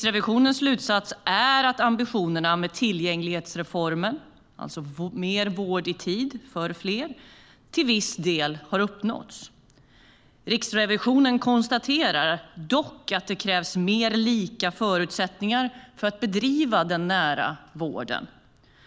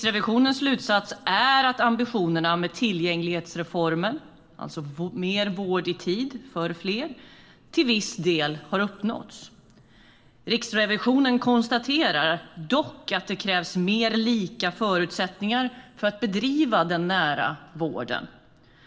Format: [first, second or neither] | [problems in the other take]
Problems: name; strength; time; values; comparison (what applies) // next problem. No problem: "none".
first | room echo; dies away in 1 s